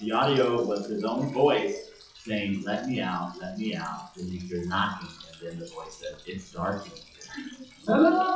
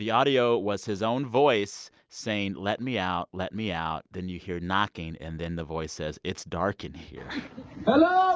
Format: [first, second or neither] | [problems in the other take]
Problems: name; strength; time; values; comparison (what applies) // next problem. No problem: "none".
second | noise reduction (classical method WPE with log-MMSE)